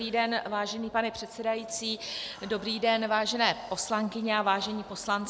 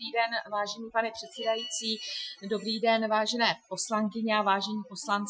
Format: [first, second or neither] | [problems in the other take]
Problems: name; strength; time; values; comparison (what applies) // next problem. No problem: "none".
first | noise reduction (classical method Wiener filter)